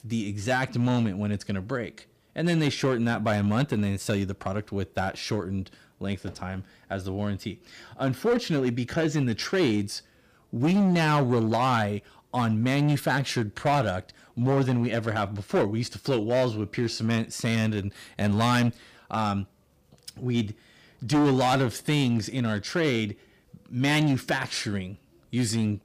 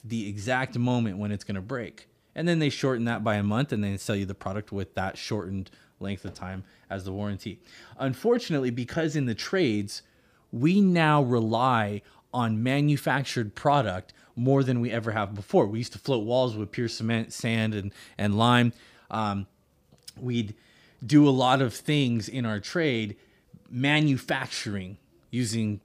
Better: second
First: distortion; slight; 7% of the sound clipped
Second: none

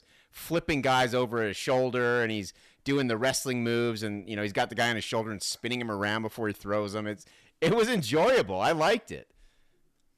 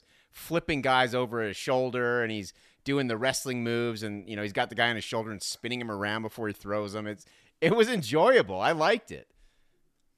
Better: second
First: distortion; slight; 4% of the sound clipped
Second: none

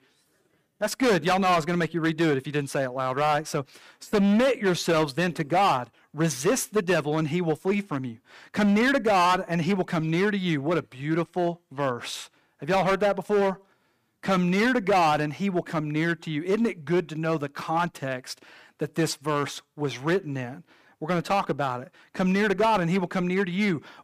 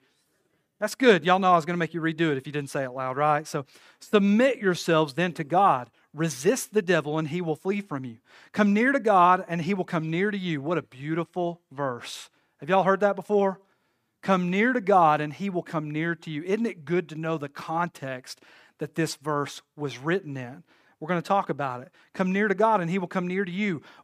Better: second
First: distortion; heavy; 8% of the sound clipped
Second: none

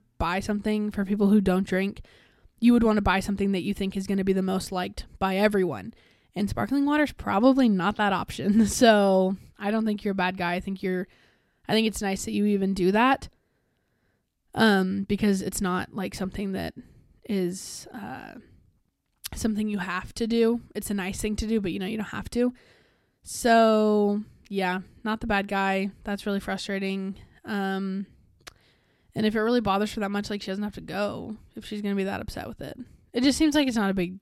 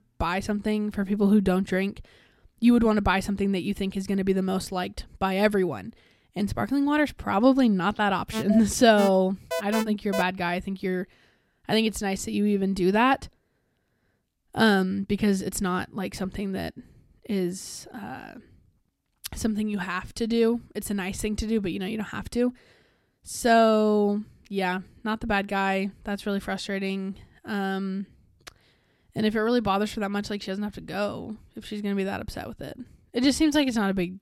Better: first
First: none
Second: alarm; noticeable; from 8.5 to 10 s; peak 4 dB below the speech

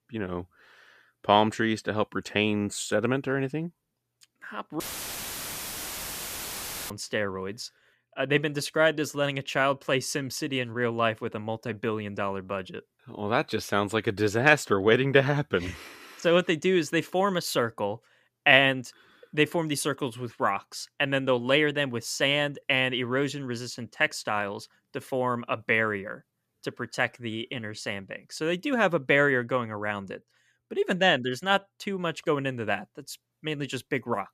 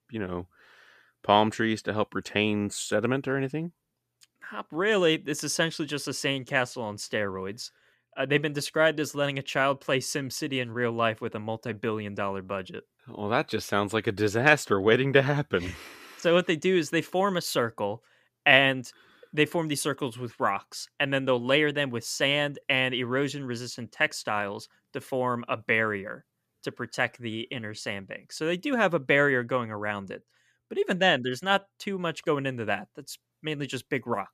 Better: second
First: audio cutting out; filled with static; at 5 s for 2 s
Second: none

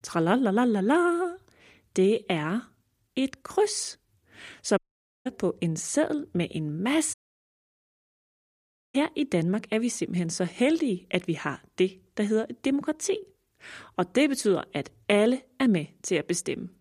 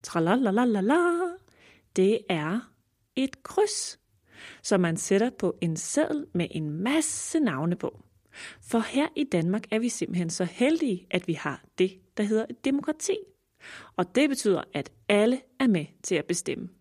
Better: second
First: audio cutting out; at 5 s and at 7 s for 2 s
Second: none

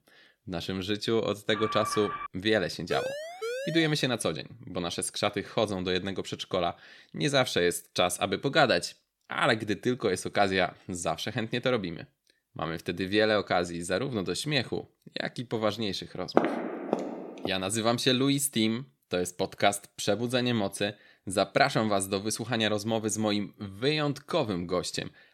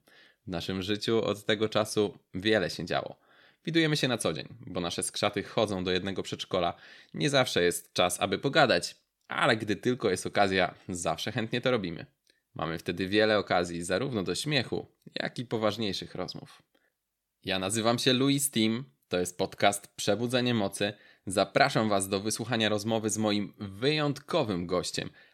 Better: second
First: alarm; noticeable; at 1.5 s; peak 4 dB below the speech // siren; noticeable; from 3 to 4 s; peak 6 dB below the speech // footsteps; loud; from 16 to 17 s; peak 1 dB above the speech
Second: none

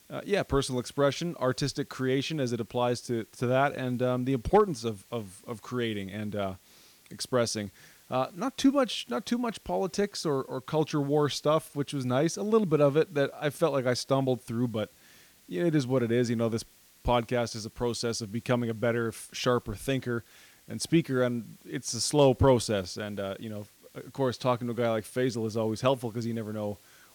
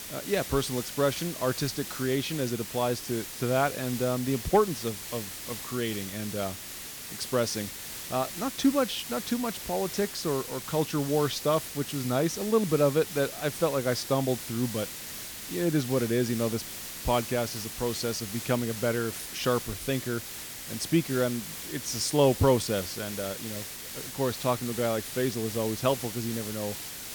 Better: first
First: hiss; faint; throughout; 30 dB below the speech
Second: hiss; loud; throughout; 7 dB below the speech

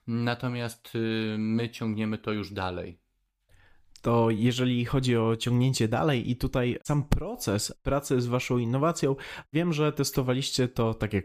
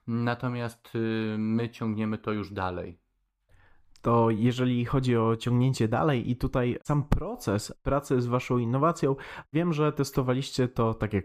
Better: first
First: none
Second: muffled; slightly; fading above 2.5 kHz

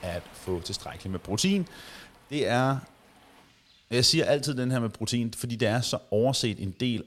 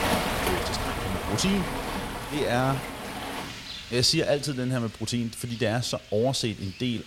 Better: first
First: rain or running water; faint; throughout; 25 dB below the speech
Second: rain or running water; loud; throughout; 4 dB below the speech

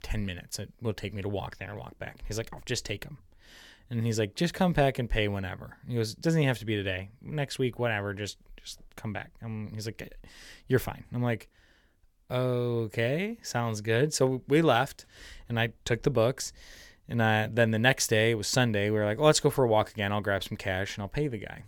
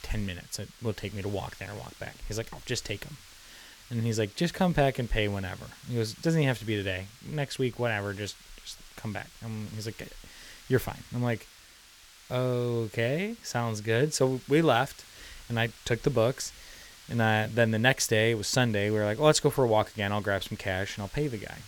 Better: first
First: none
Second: hiss; faint; throughout; 20 dB below the speech

